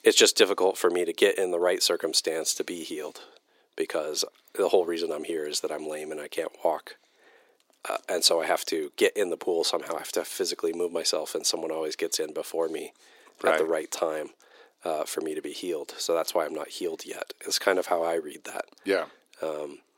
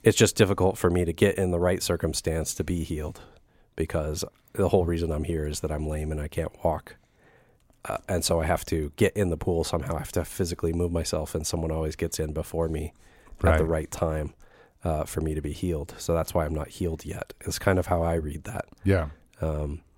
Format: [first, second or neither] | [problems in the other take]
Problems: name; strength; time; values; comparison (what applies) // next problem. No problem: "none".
second | thin; very; fading below 350 Hz